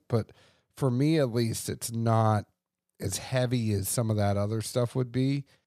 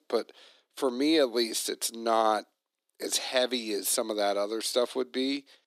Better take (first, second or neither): first